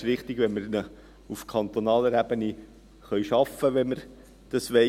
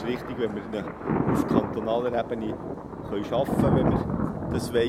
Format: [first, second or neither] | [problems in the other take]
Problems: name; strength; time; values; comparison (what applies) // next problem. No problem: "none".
first | background sound (Thunder); 2 dB above the speech